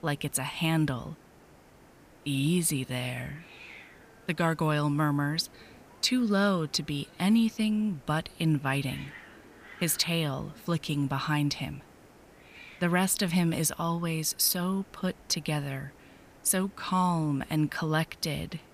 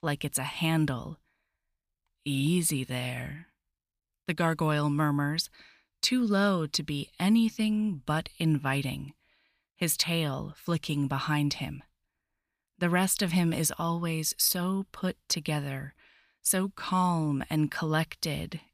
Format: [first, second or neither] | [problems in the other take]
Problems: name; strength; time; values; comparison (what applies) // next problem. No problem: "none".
second | hiss; faint; throughout; 25 dB below the speech